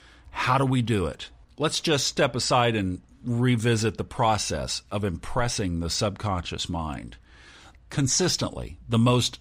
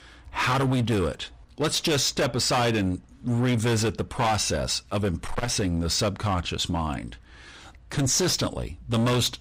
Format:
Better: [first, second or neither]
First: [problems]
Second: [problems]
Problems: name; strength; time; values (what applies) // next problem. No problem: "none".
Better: first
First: none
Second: distortion; heavy; 15% of the sound clipped